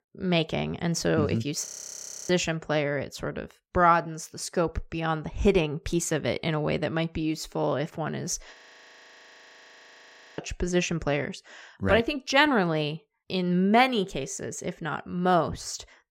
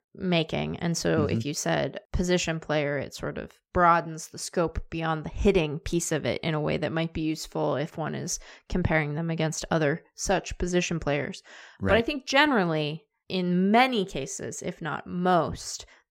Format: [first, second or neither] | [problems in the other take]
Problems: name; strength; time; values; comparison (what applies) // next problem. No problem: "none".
second | audio freezing; at 1.5 s for 0.5 s and at 8.5 s for 2 s